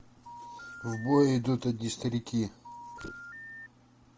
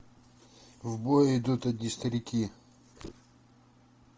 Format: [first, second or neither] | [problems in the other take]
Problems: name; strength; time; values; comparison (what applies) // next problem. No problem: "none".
second | background sound (Telephone); 15 dB below the speech